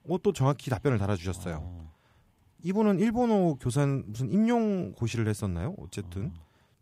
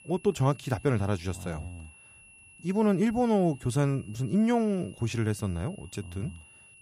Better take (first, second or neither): first